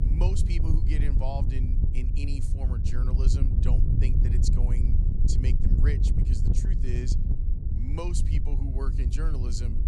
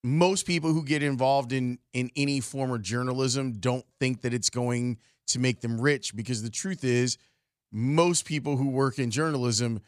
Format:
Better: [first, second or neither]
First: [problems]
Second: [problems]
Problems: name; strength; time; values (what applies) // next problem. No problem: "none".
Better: second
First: wind noise on the microphone; heavy; 1 dB below the speech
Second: none